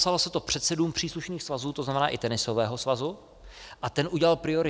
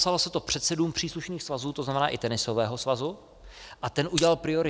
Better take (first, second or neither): first